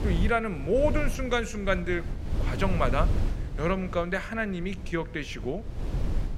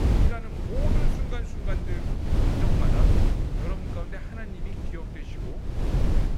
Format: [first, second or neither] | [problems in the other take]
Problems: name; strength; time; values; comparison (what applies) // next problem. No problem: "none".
first | wind noise on the microphone; heavy; 4 dB above the speech; occasional gusts in the first